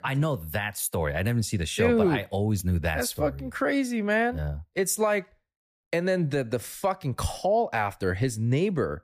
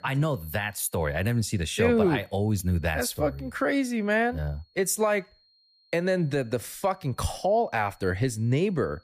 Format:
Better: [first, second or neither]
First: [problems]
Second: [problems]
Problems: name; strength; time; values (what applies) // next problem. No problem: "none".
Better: first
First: none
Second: high-pitched whine; faint; throughout; 4.5 kHz, 35 dB below the speech